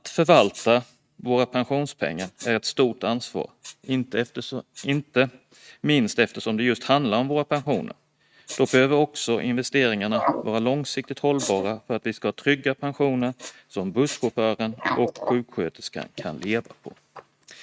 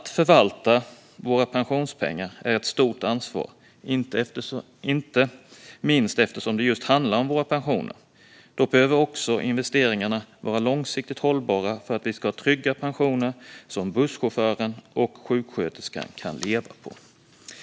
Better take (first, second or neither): second